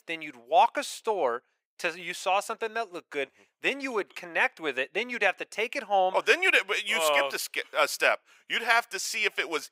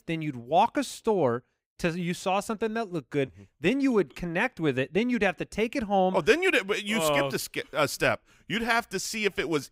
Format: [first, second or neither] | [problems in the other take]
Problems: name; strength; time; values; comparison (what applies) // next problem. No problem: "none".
second | thin; very; fading below 650 Hz